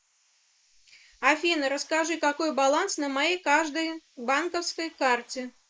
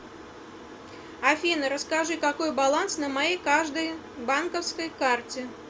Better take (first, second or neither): second